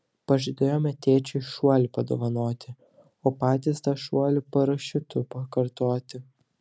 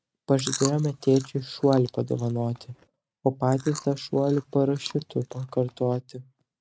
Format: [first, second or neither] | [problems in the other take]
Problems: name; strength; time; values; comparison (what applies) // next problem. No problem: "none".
first | noise reduction (neural mask model RNNoise)